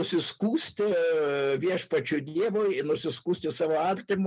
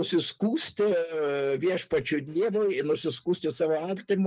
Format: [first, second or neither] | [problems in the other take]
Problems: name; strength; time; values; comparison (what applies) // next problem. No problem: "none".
first | noise reduction (neural mask model DeepFilterNet 3)